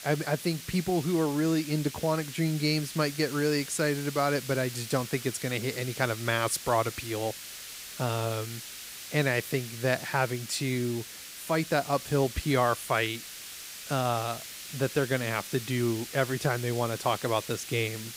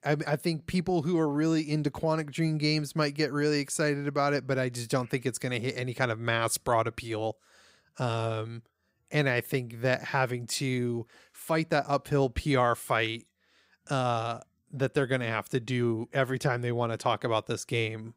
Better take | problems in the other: second | hiss; noticeable; throughout; 10 dB below the speech

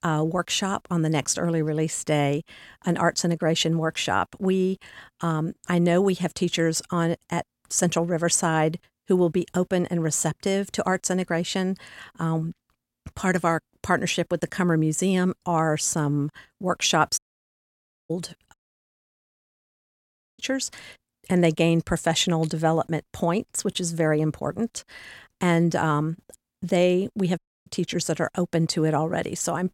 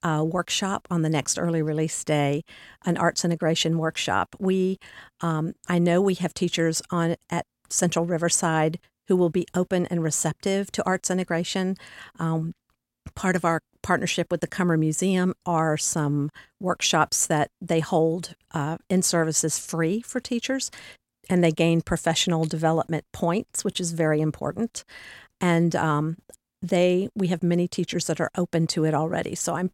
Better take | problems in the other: second | audio cutting out; at 17 s for 1 s, at 19 s for 2 s and at 27 s

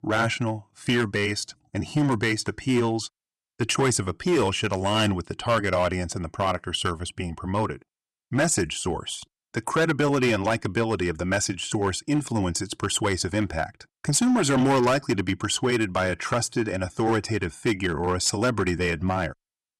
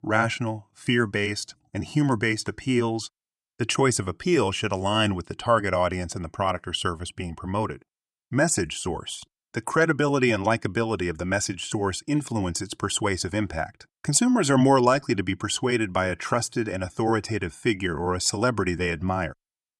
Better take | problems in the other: second | distortion; slight; 6% of the sound clipped

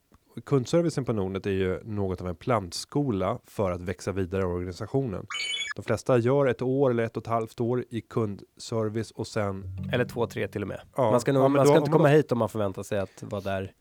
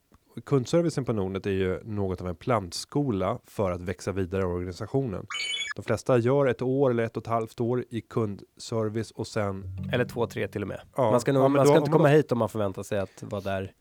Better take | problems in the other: neither | phone ringing; noticeable; at 5.5 s and at 9.5 s; peak 2 dB below the speech; the same in both

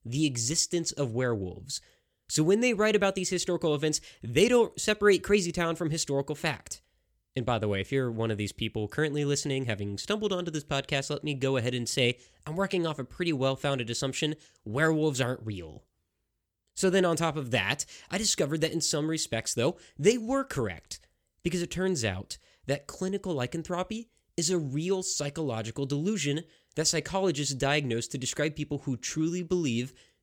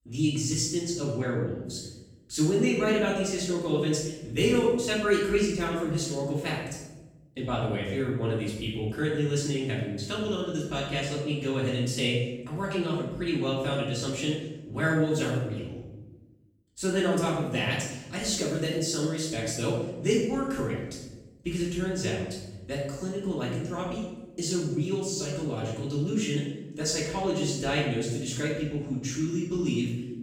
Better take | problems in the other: first | off-mic speech; far // room echo; noticeable; dies away in 1 s

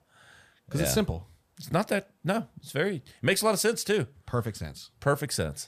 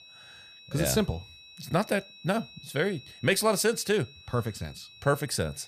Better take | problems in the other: first | high-pitched whine; noticeable; throughout; 4 kHz, 20 dB below the speech

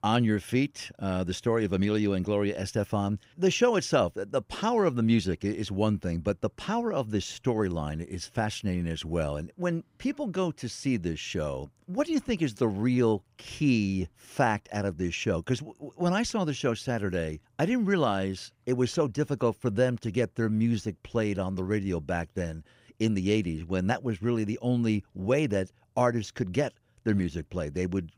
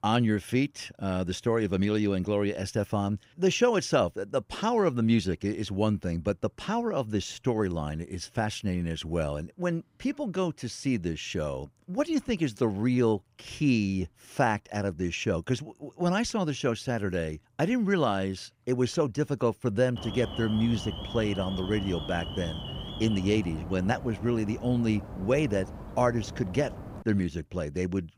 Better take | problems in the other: first | alarm; noticeable; from 20 to 27 s; peak 8 dB below the speech

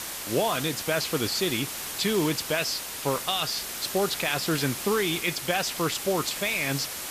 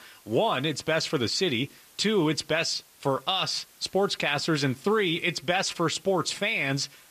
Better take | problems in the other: second | hiss; loud; throughout; 5 dB below the speech; faint in the second

